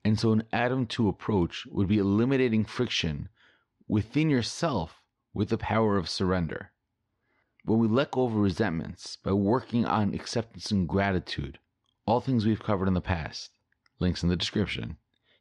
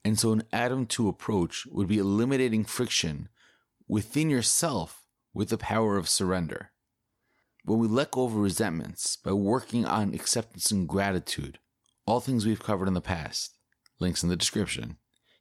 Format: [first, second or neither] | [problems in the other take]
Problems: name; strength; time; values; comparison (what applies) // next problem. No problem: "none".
second | muffled; very slightly; fading above 4 kHz